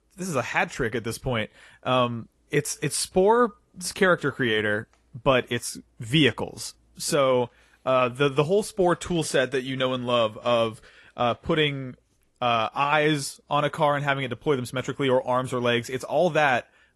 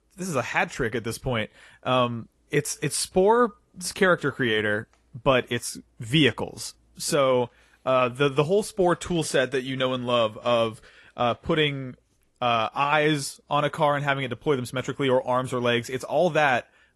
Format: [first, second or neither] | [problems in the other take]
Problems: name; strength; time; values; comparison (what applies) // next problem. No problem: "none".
neither | garbled, watery; slightly; nothing above 11.5 kHz; the same in both